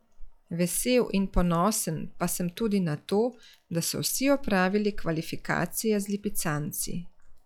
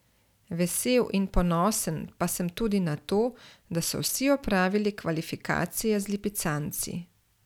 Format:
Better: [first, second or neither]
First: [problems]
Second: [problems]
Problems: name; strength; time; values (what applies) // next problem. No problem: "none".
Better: second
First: noise reduction (classical method log-MMSE)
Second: none